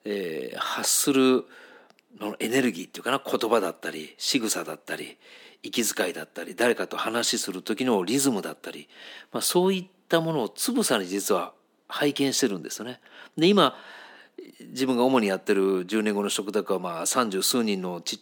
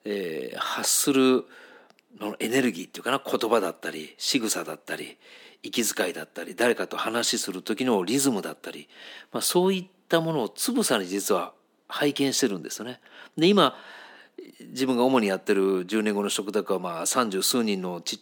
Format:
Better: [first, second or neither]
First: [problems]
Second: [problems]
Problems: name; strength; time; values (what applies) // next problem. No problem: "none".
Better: neither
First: thin; very slightly; fading below 300 Hz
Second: thin; very slightly; fading below 300 Hz